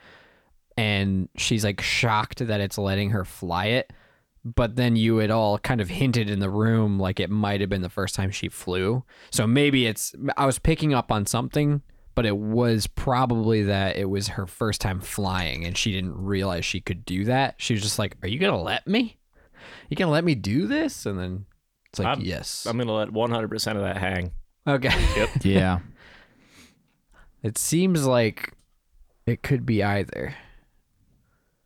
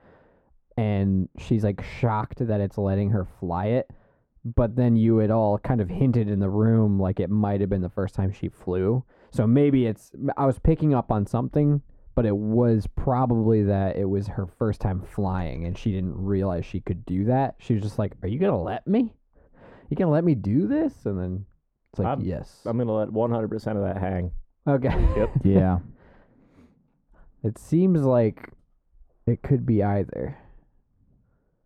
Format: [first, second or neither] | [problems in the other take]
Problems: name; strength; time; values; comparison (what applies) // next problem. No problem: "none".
first | muffled; very; fading above 1.5 kHz